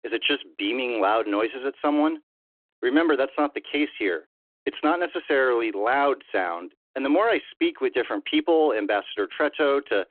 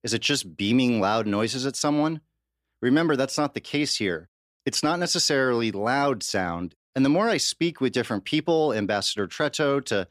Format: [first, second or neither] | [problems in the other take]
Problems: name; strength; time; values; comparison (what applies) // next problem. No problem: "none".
second | phone-call audio